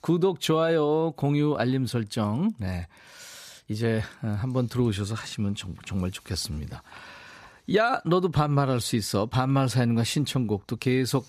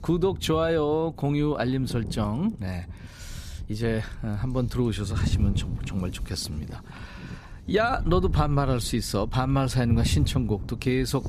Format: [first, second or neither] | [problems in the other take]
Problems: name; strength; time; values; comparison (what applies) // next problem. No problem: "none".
first | wind noise on the microphone; occasional gusts; 15 dB below the speech